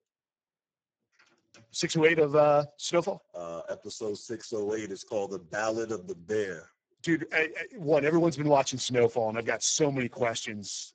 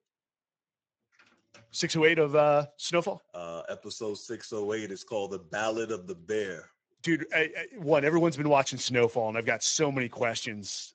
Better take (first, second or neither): second